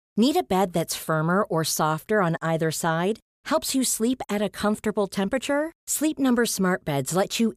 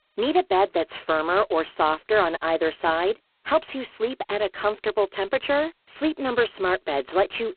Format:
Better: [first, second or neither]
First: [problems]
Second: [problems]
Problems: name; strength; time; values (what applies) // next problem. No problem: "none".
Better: first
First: none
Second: phone-call audio; poor line; nothing above 4 kHz